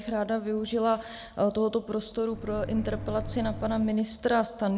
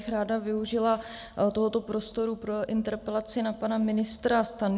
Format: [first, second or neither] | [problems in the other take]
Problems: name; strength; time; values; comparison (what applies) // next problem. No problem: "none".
second | background sound (Microwave oven); 9 dB below the speech